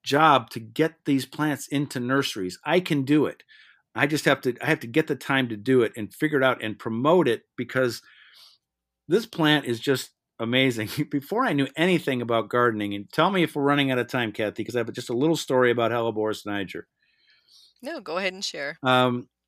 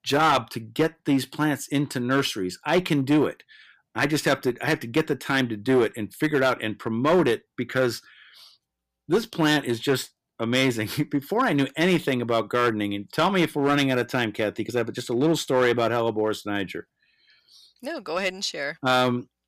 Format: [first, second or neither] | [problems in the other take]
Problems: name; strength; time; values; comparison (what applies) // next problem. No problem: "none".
first | distortion; slight; 4% of the sound clipped